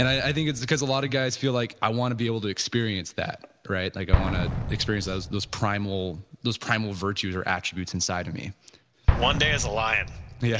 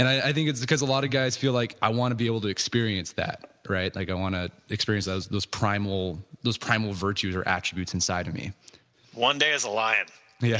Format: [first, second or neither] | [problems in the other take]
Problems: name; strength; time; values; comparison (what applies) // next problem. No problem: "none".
second | background sound (Explosion); 5 dB below the speech